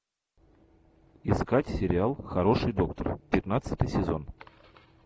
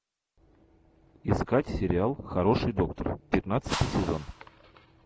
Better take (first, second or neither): first